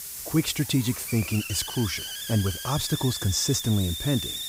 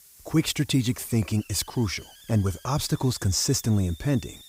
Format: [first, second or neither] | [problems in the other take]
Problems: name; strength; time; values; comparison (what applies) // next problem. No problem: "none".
second | hiss; loud; throughout; 6 dB below the speech; faint in the second